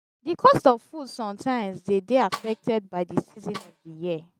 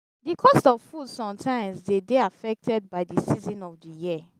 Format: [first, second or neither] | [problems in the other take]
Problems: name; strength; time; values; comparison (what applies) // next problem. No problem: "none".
second | noise reduction (neural mask model RNNoise)